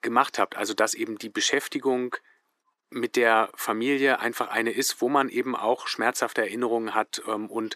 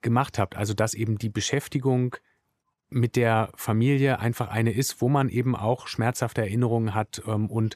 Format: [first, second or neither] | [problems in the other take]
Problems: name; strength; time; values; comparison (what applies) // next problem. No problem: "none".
second | thin; somewhat; fading below 300 Hz